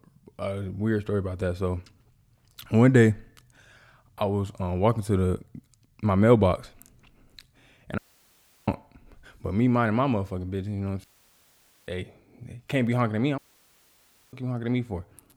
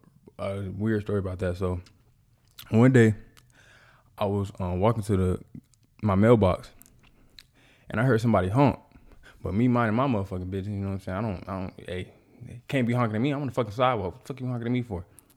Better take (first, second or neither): second